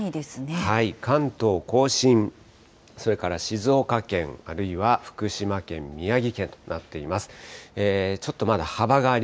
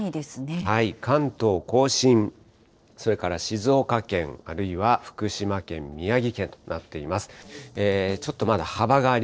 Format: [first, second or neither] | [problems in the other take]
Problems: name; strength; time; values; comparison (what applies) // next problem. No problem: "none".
first | noise reduction (neural separator model SepFormer DNS4)